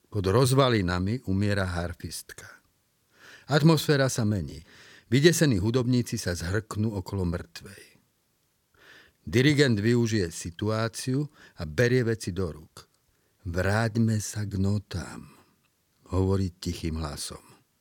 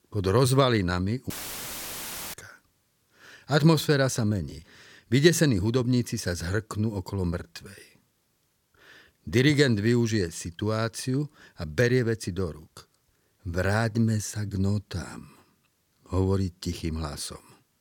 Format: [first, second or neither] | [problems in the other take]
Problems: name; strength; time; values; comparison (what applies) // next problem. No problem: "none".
first | audio cutting out; filled with static; at 1.5 s for 1 s